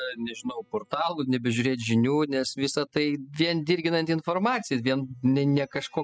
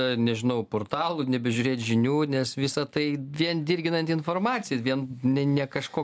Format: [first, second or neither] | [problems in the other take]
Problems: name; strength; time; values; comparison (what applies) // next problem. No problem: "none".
second | noise reduction (classical method spectral subtraction)